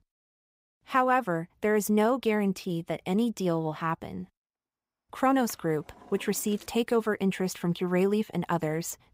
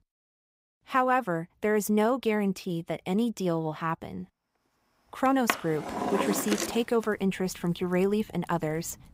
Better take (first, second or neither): first